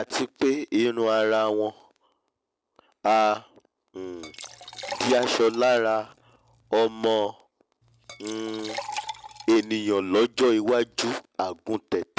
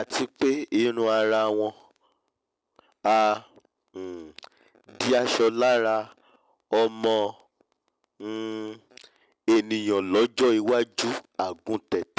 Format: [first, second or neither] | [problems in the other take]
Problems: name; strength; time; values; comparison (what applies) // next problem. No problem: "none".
second | background sound (Liquid); 14 dB below the speech